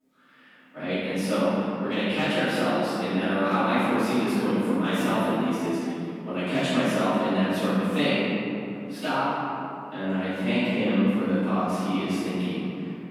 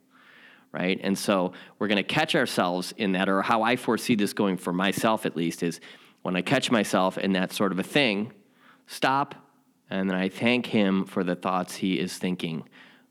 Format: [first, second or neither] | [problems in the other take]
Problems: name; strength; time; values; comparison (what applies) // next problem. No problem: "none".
second | off-mic speech; far // room echo; strong; dies away in 2.5 s